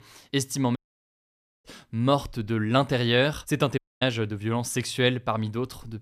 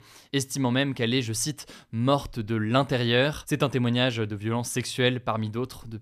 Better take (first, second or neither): second